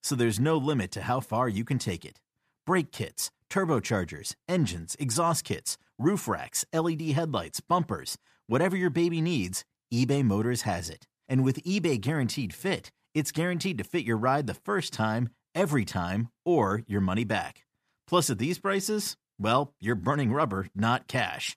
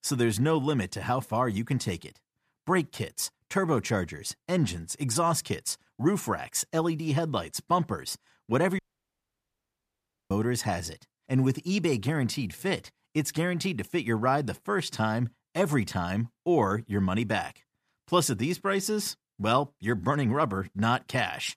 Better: first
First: none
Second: audio cutting out; at 9 s for 1.5 s

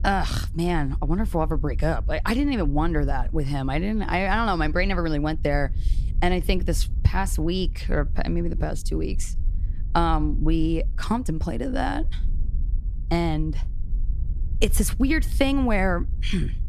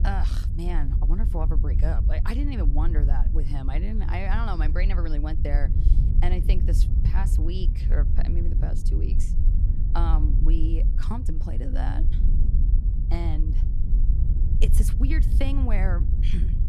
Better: first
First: wind noise on the microphone; occasional gusts; 25 dB below the speech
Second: wind noise on the microphone; heavy; 7 dB below the speech

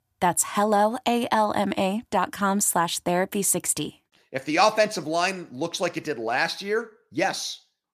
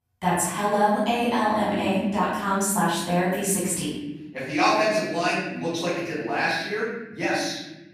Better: first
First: none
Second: off-mic speech; far // room echo; strong; dies away in 1.2 s

